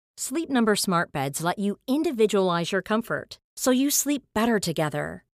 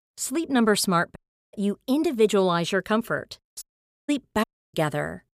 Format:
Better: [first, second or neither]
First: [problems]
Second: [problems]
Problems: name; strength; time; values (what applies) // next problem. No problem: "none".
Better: first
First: none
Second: audio cutting out; at 1 s, at 3.5 s and at 4.5 s